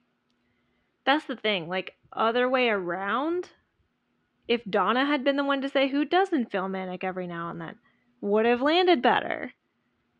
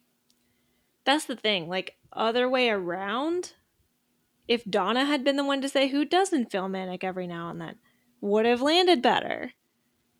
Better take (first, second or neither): second